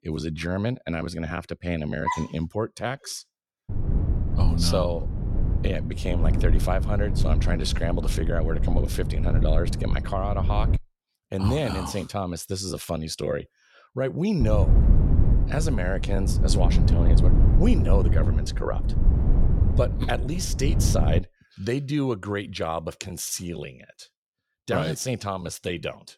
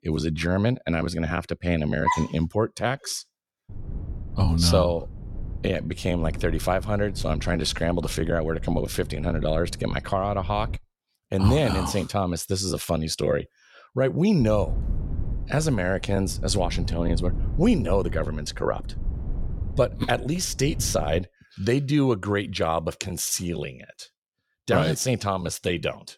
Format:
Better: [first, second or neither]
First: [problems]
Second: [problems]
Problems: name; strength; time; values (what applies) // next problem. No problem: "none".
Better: second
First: low rumble; loud; from 3.5 to 11 s and from 14 to 21 s; 7 dB below the speech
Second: low rumble; faint; from 3.5 to 11 s and from 14 to 21 s; 20 dB below the speech